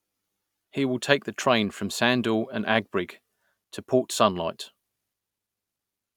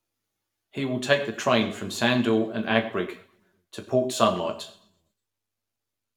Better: first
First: none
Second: room echo; dies away in 0.5 s

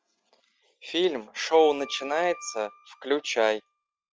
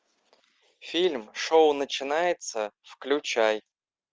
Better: second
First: noise reduction (classical method log-MMSE)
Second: none

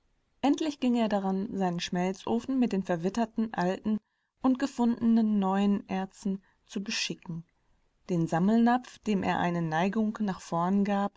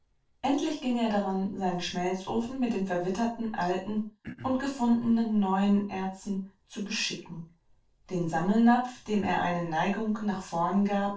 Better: first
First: none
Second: noise reduction (neural separator model SepFormer DNS4)

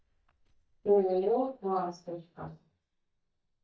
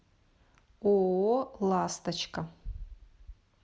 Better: second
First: noise reduction (neural mask model DeepFilterNet 3)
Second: none

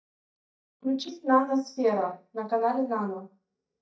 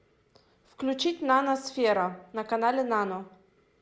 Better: second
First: noise reduction (neural mask model DeepFilterNet 3)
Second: none

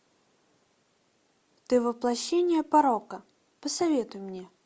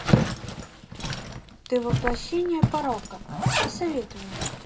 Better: first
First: none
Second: background sound (Zipper (clothing)); 3 dB above the speech // room echo; dies away in 0.2 s

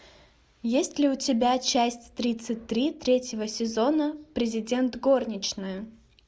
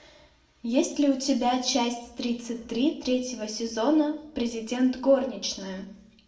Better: first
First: none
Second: room echo; dies away in 0.6 s

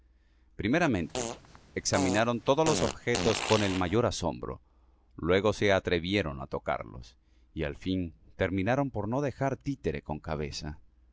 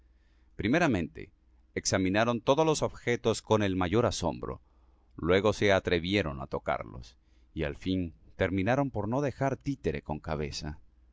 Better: second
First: background sound (Fart); 5 dB below the speech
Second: none

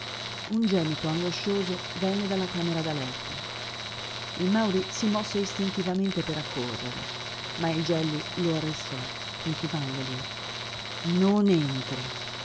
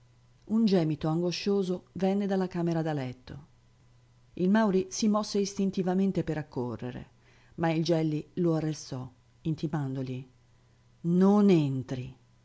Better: second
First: background sound (Tools); 6 dB below the speech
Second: none

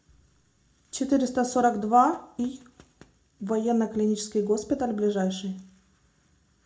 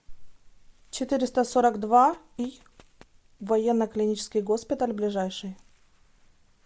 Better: second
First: room echo; dies away in 0.3 s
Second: none

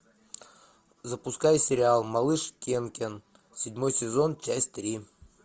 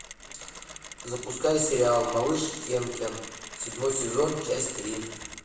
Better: first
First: none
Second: background sound (Mechanisms); 13 dB below the speech // room echo; dies away in 0.9 s

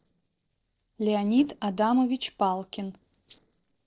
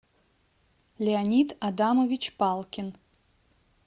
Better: second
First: noise reduction (neural separator model SepFormer DNS4)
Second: none

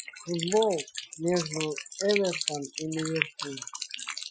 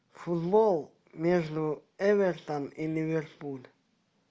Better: second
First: noise reduction (classical method Wiener filter)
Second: none

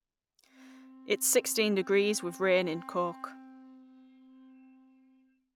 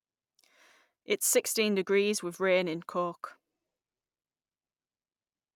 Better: second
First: background sound (Wind instrument, woodwind instrument); 19 dB below the speech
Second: none

